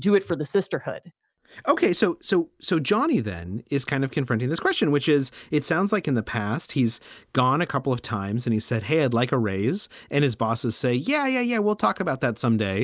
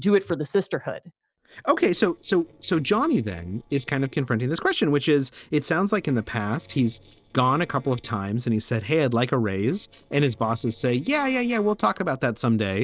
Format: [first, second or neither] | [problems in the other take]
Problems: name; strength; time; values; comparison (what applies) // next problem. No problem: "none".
first | noise reduction (neural separator model SepFormer DNS4)